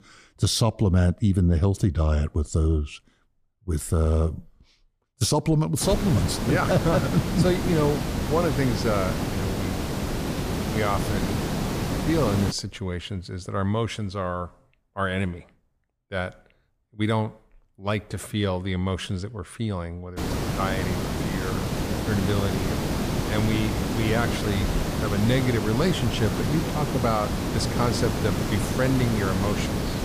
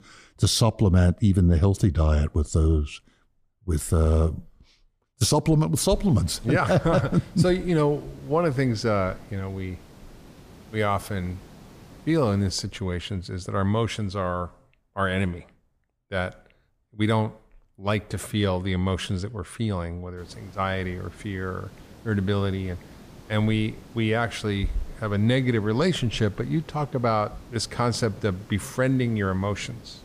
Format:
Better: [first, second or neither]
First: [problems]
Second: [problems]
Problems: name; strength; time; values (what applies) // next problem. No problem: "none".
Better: second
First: hiss; loud; from 6 to 13 s and from 20 s on; 2 dB below the speech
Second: hiss; faint; from 6 to 13 s and from 20 s on; 25 dB below the speech